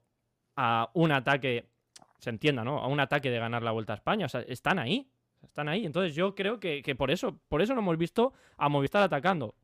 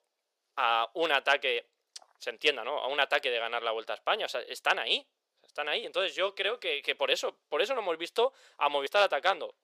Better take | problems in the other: first | thin; very; fading below 450 Hz

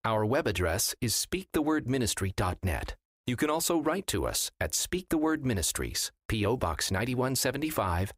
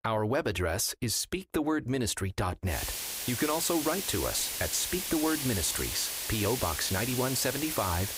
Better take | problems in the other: first | hiss; loud; from 2.5 s on; 2 dB below the speech

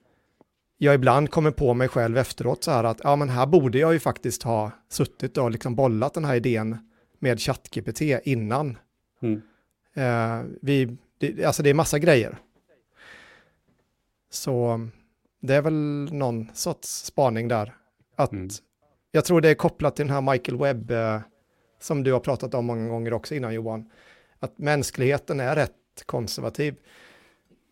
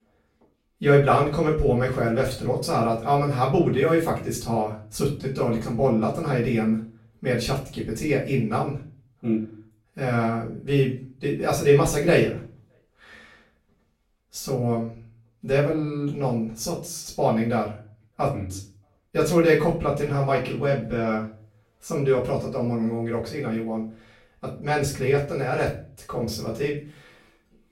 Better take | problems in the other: first | off-mic speech; far // room echo; slight; dies away in 0.3 s

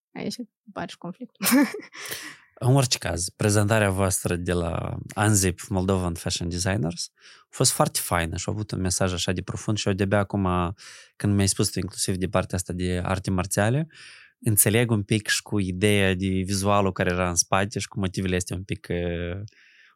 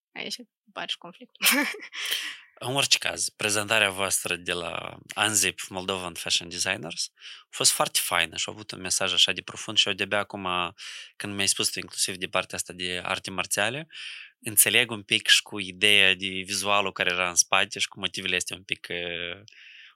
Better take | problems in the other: first | thin; somewhat; fading below 900 Hz

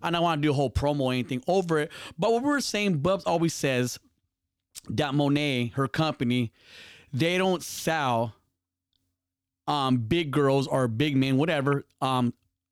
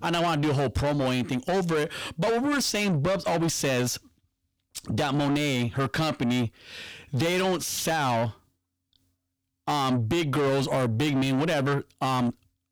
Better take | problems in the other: first | distortion; heavy; 8 dB below the speech

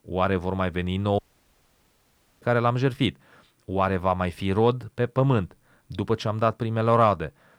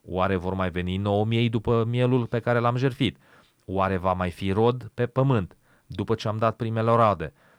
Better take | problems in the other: second | audio cutting out; at 1 s for 1 s

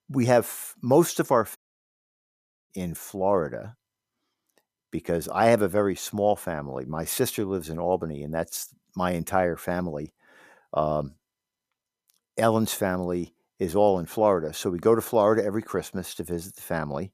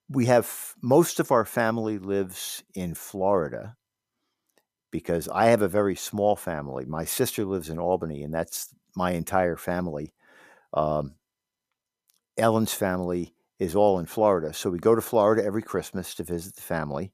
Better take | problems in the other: second | audio cutting out; at 1.5 s for 1 s

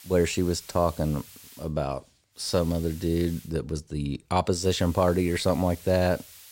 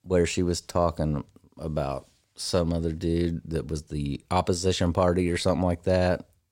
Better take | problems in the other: second | hiss; noticeable; until 1.5 s, from 2.5 to 3.5 s and from 4.5 s on; 20 dB below the speech

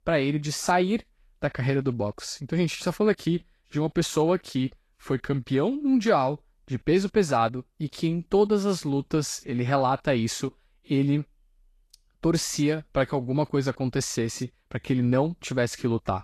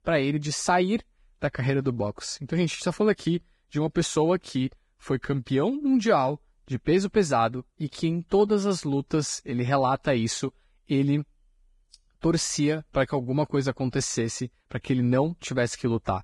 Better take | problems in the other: first | garbled, watery; badly; nothing above 10 kHz; slightly in the first

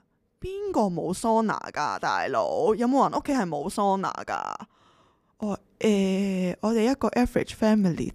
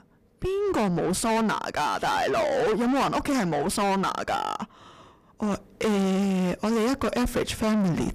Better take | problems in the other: first | distortion; heavy; 5 dB below the speech

